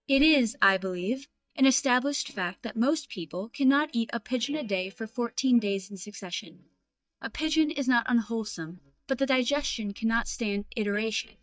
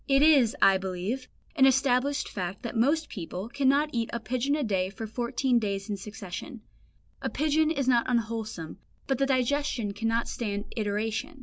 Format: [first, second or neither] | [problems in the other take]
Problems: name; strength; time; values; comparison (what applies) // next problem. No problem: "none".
second | noise reduction (neural mask model DeepFilterNet 3)